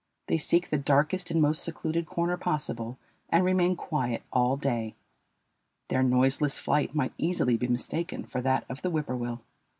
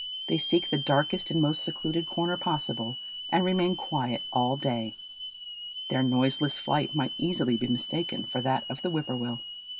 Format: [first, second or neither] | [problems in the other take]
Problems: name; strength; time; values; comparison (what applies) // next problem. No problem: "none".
first | background sound (Hiss / Alarm); 8 dB below the speech